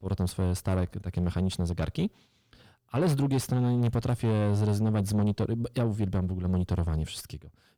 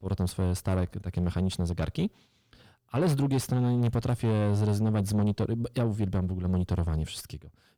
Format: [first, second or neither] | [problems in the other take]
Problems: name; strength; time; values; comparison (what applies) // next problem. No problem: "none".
neither | distortion; slight; 10 dB below the speech; the same in both